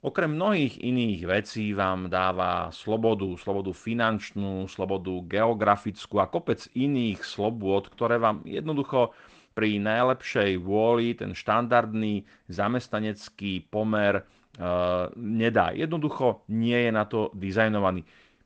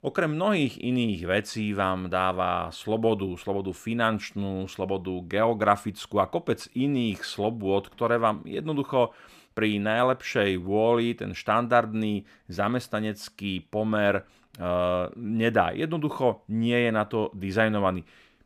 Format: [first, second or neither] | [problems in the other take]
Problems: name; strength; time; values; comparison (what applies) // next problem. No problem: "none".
second | garbled, watery; slightly; nothing above 8 kHz